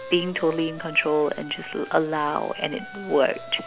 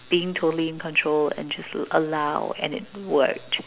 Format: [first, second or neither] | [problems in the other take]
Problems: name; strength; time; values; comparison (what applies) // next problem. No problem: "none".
second | background sound (Wind instrument, woodwind instrument); 16 dB below the speech